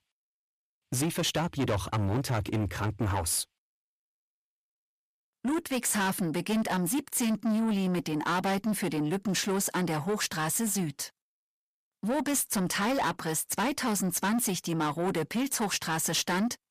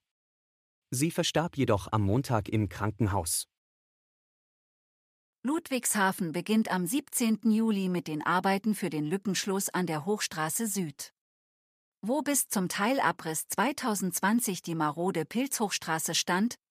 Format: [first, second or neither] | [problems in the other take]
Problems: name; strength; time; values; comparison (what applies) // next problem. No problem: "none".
second | distortion; heavy; 8 dB below the speech